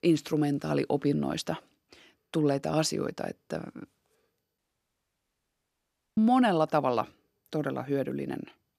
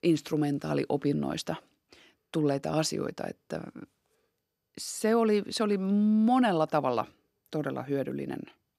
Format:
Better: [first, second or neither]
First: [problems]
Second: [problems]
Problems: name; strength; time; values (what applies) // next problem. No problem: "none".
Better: second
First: audio cutting out; at 4.5 s for 1.5 s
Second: none